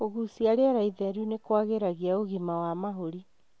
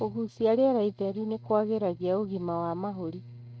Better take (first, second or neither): first